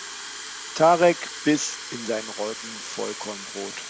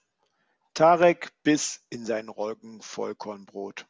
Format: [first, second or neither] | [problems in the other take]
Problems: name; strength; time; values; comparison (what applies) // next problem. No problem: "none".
second | background sound (Fill (with liquid) / Water tap, faucet); 11 dB below the speech